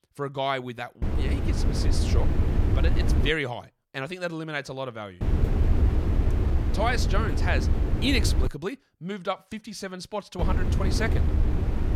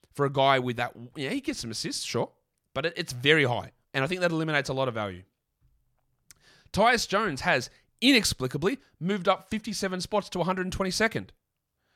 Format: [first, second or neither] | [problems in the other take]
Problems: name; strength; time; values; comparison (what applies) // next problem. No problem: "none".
second | wind noise on the microphone; heavy; from 1 to 3.5 s, from 5 to 8.5 s and from 10 s on; 5 dB below the speech